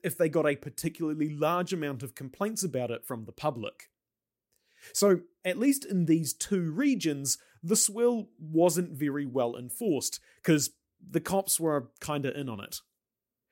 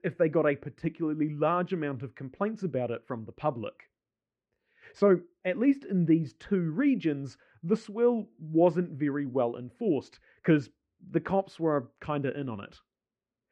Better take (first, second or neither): first